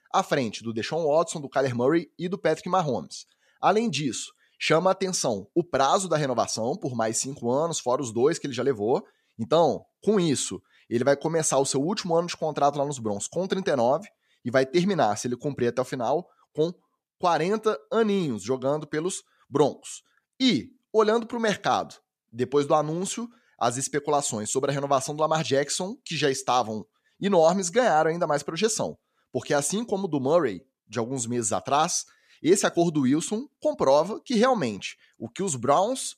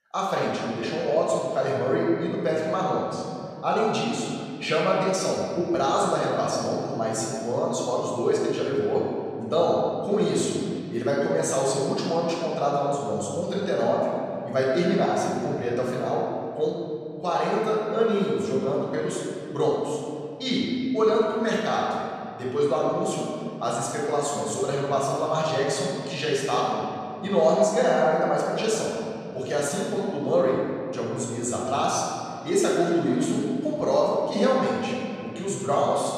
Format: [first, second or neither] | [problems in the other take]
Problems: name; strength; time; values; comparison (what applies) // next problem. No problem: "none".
first | off-mic speech; far // room echo; strong; dies away in 2.2 s